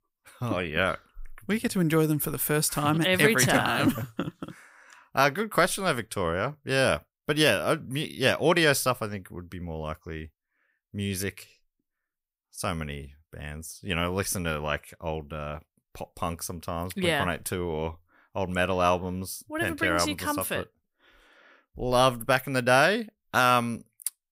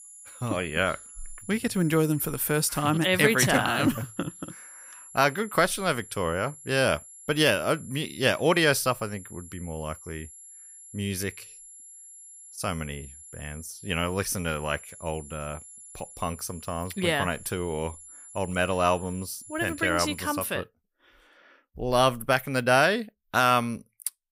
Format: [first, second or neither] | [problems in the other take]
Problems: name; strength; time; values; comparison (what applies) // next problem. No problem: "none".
first | high-pitched whine; noticeable; until 20 s; 11 kHz, 20 dB below the speech